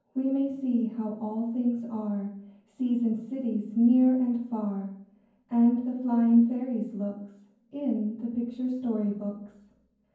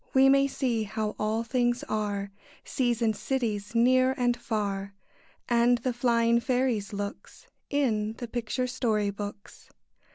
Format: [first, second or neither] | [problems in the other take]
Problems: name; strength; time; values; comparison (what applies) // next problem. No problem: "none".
second | room echo; dies away in 0.9 s